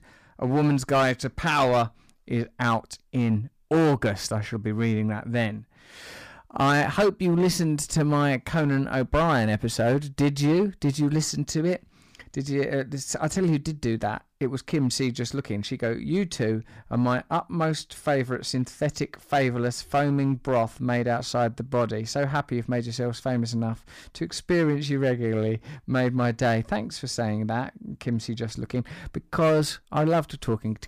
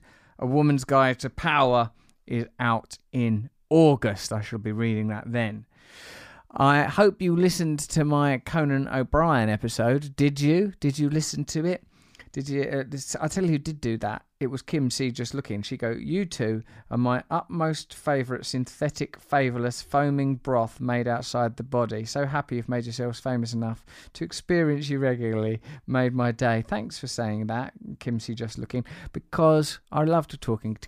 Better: second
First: distortion; slight; 5% of the sound clipped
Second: none

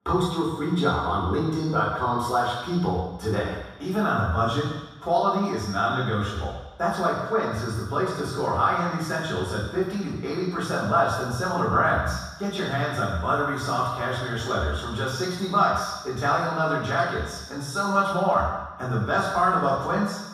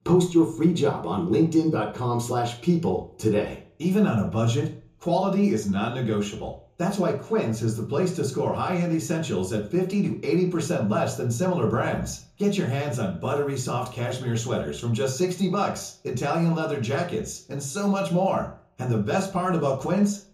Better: second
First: room echo; strong; dies away in 1.2 s // off-mic speech; far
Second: room echo; slight; dies away in 0.5 s // off-mic speech; far

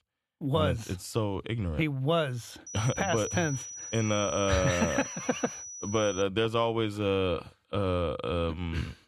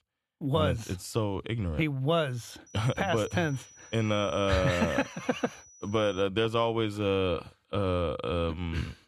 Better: second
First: high-pitched whine; loud; from 2.5 to 6 s; 6 kHz, 8 dB below the speech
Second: high-pitched whine; faint; from 2.5 to 6 s; 6 kHz, 20 dB below the speech

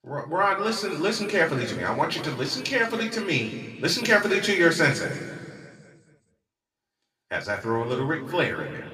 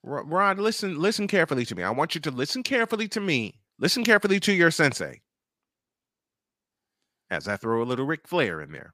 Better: second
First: room echo; noticeable; dies away in 1.9 s // off-mic speech; somewhat distant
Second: none

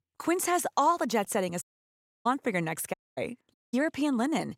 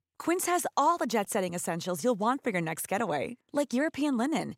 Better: second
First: audio cutting out; at 1.5 s for 0.5 s, at 3 s and at 3.5 s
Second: none

